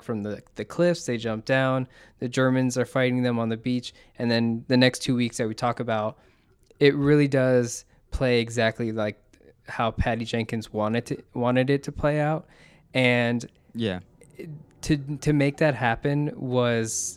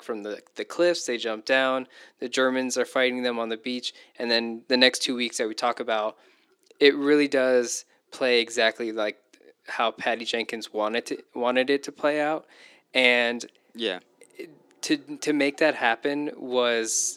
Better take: first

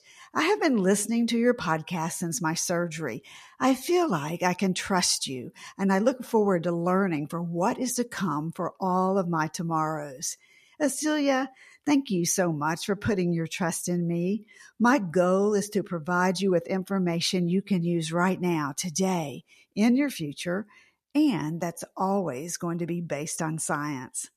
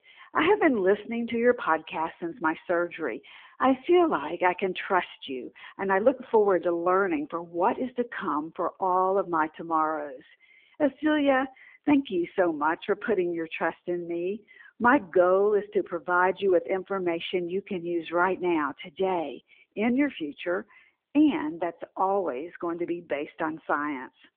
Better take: first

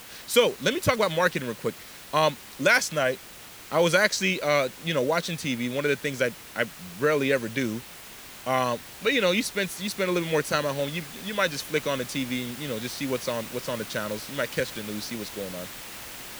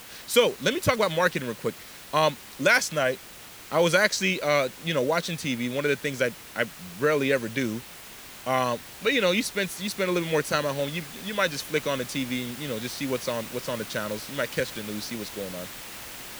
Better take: neither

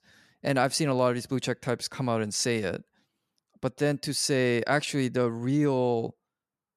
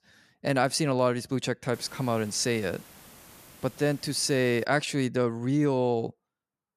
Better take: first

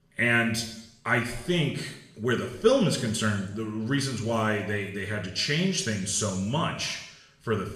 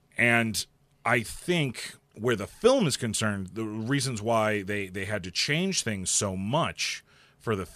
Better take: second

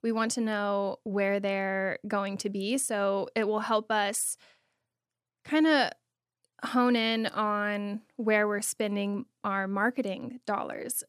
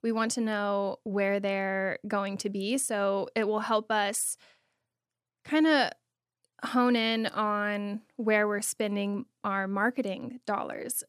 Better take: neither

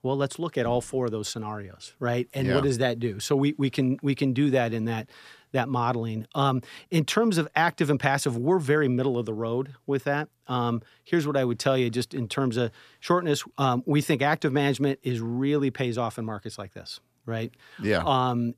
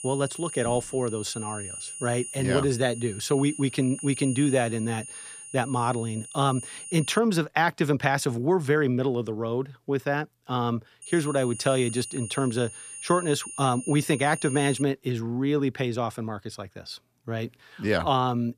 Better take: first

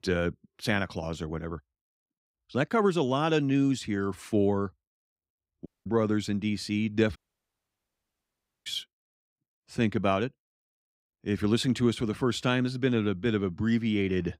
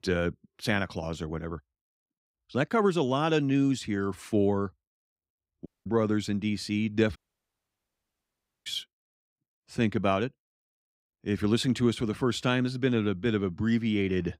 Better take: neither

